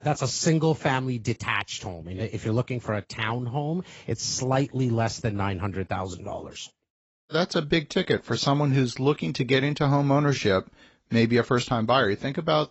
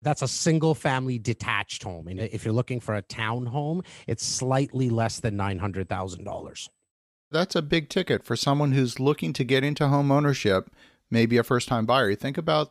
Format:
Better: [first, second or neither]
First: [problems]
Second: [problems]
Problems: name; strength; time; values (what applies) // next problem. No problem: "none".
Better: second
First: garbled, watery; badly; nothing above 7.5 kHz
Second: none